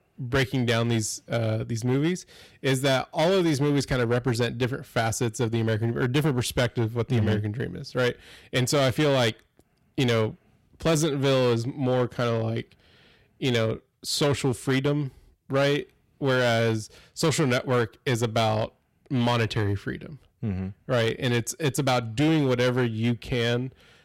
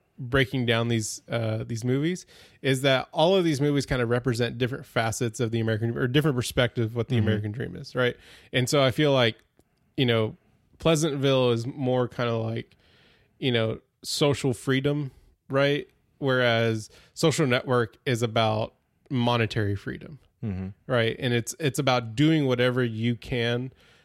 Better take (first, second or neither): second